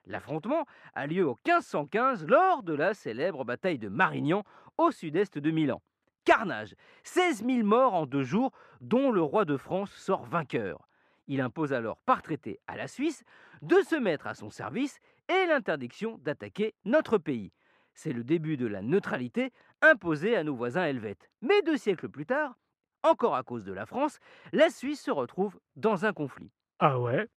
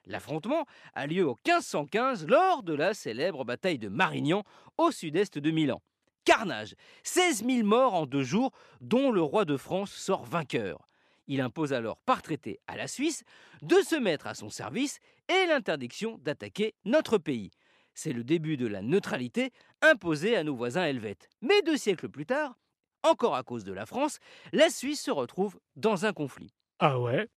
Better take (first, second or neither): second